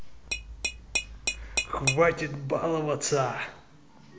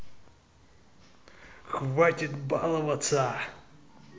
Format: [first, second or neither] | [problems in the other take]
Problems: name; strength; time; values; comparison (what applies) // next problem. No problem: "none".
second | background sound (Tap / Glass); 3 dB below the speech